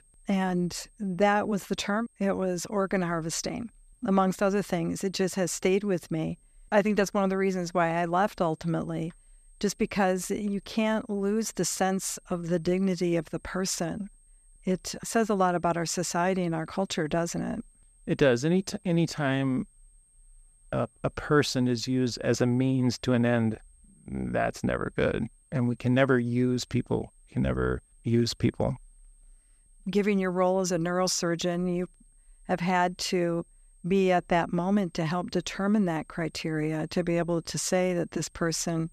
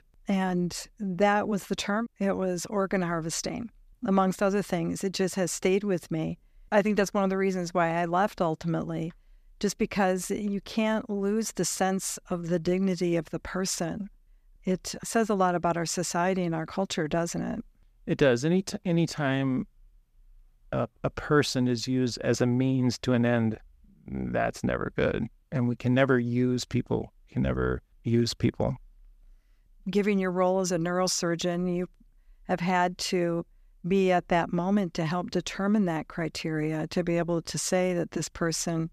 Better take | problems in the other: second | high-pitched whine; faint; throughout; 8.5 kHz, 35 dB below the speech

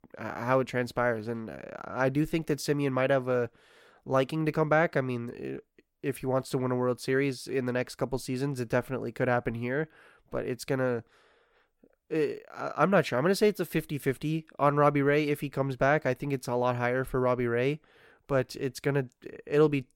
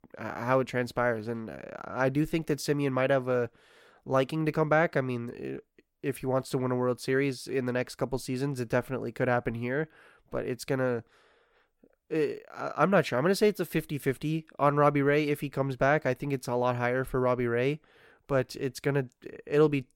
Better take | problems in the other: neither | none

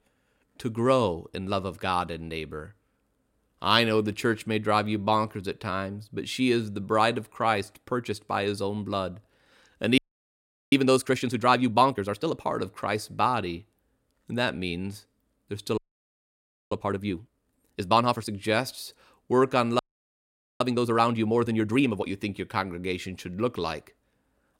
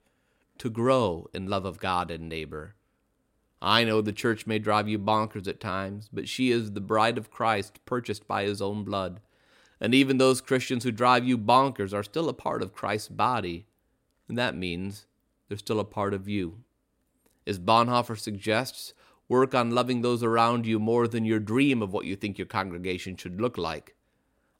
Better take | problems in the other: second | audio freezing; at 10 s for 0.5 s, at 16 s for 1 s and at 20 s for 1 s

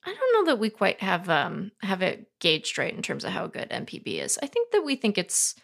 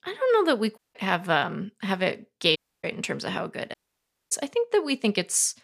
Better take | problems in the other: first | audio cutting out; at 1 s, at 2.5 s and at 3.5 s for 0.5 s

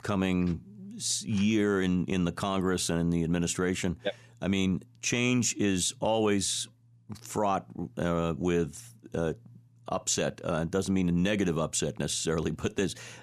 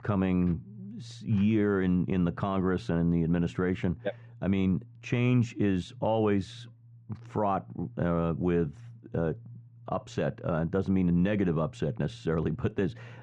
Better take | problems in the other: first | muffled; very; fading above 2 kHz

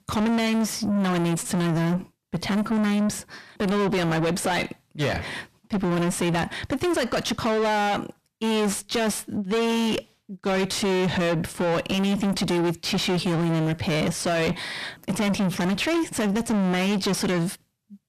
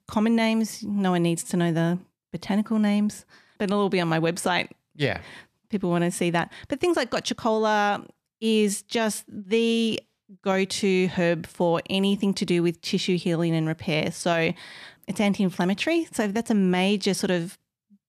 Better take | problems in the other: second | distortion; heavy; 6 dB below the speech

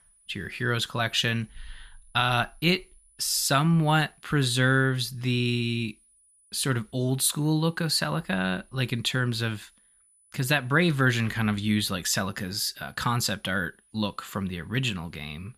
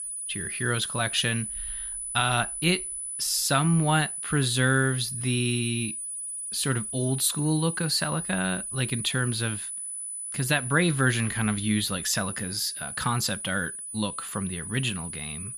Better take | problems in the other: first | high-pitched whine; loud; throughout; 10 kHz, 5 dB below the speech; faint in the first

